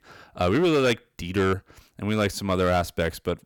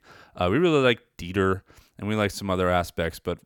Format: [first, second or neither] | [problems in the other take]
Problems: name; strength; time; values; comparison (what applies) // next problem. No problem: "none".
second | distortion; slight; 7% of the sound clipped